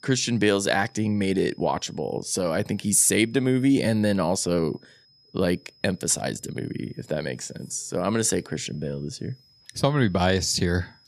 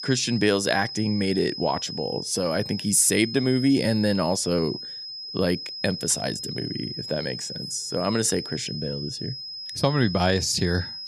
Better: first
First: high-pitched whine; faint; throughout; 5 kHz, 30 dB below the speech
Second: high-pitched whine; loud; throughout; 5 kHz, 8 dB below the speech

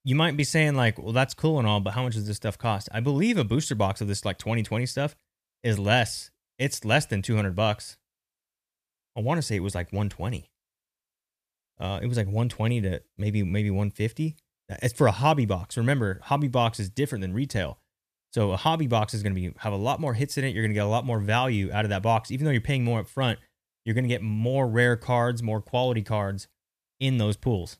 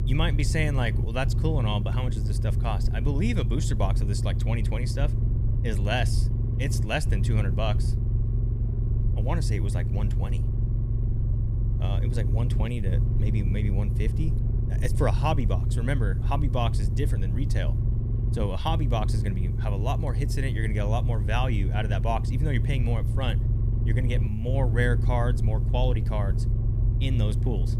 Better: first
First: none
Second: low rumble; loud; throughout; 7 dB below the speech

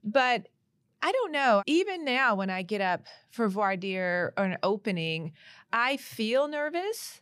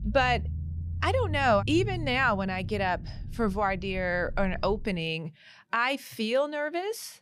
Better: first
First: none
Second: low rumble; faint; until 5 s; 25 dB below the speech

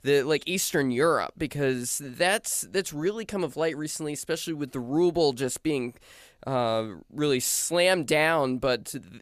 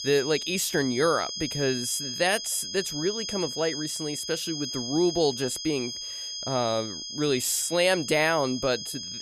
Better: first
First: none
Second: high-pitched whine; loud; throughout; 5 kHz, 6 dB below the speech

